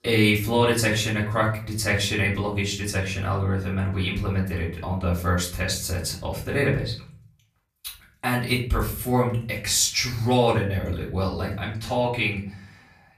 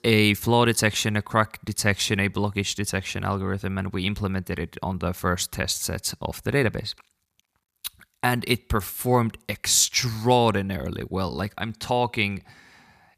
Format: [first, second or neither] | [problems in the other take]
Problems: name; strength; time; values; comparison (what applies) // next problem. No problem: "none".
second | off-mic speech; far // room echo; slight; dies away in 0.5 s